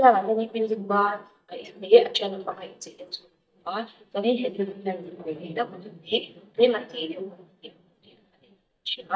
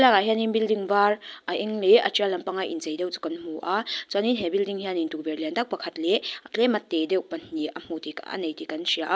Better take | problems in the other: second | noise reduction (neural mask model DeepFilterNet 3)

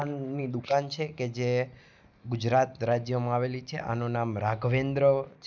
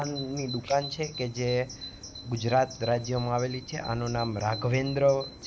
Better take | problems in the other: first | background sound (Bird vocalization, bird call, bird song); 13 dB below the speech

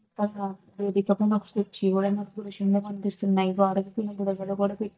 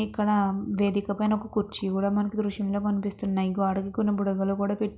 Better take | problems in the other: second | noise reduction (neural mask model DeepFilterNet 3)

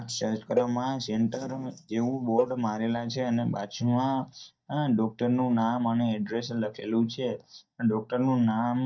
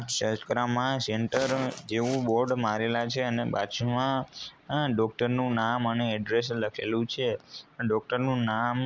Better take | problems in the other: second | noise reduction (neural mask model DeepFilterNet 3)

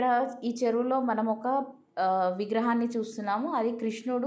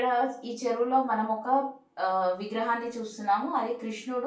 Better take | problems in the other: first | room echo; dies away in 0.2 s

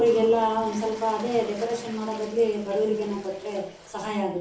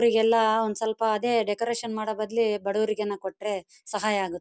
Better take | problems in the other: second | background sound (Toilet flush); 17 dB below the speech // room echo; dies away in 0.7 s

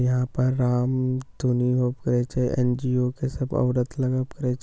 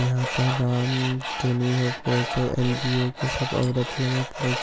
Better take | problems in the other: first | background sound (Tools); 7 dB below the speech

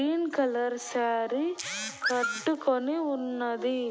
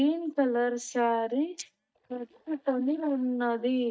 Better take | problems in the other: first | noise reduction (neural mask model DeepFilterNet 3)

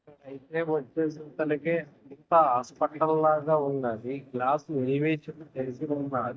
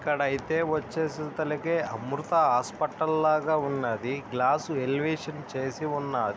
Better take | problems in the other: second | noise reduction (neural mask model DeepFilterNet 3)

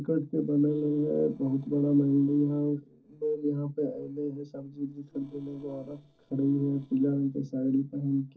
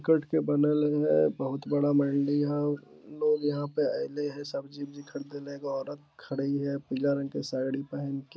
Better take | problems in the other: second | noise reduction (neural separator model SepFormer DNS4)

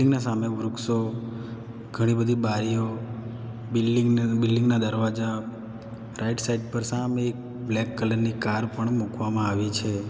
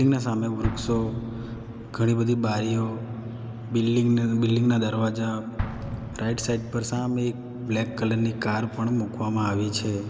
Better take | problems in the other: first | background sound (Explosion); 15 dB below the speech

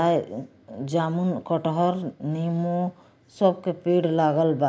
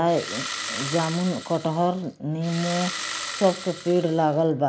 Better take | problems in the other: first | background sound (Engine starting); 10 dB below the speech

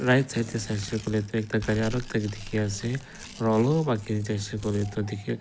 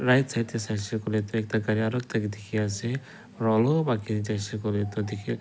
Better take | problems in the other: second | background sound (Tearing); 16 dB below the speech

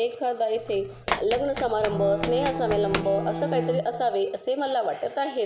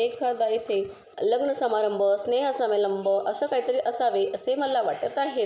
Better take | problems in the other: second | background sound (Run + Bowed string instrument); 6 dB below the speech

